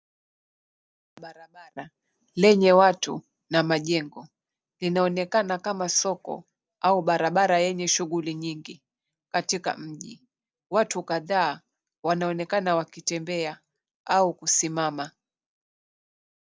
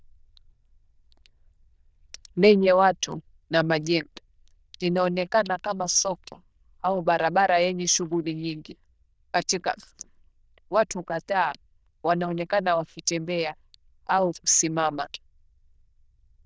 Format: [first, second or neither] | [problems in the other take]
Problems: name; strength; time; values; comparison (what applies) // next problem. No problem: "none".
first | noise reduction (neural diffusion model UNIVERSE++)